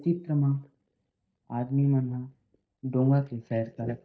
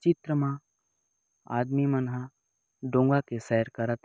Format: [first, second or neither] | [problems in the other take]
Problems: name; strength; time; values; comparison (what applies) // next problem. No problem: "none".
second | noise reduction (neural mask model DeepFilterNet 3)